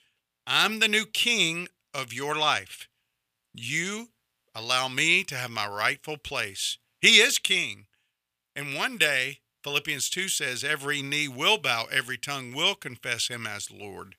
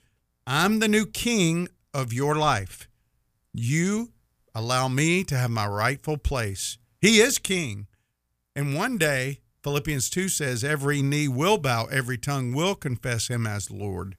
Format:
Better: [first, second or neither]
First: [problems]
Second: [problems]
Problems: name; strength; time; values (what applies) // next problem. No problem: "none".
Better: second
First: thin; somewhat; fading below 1 kHz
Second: none